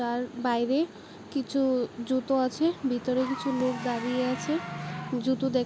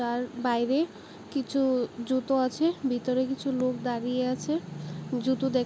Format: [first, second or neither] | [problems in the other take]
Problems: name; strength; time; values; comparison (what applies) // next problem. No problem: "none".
second | background sound (Engine / Car); 15 dB below the speech